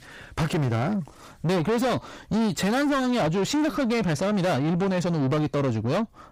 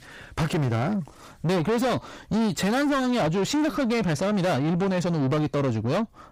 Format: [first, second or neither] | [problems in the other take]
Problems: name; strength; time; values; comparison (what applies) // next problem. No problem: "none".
neither | distortion; heavy; 7 dB below the speech; the same in both